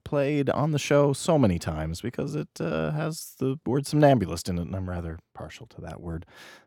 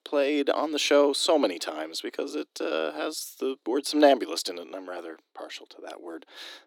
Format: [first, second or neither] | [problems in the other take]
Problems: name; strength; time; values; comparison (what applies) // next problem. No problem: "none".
first | thin; somewhat; fading below 300 Hz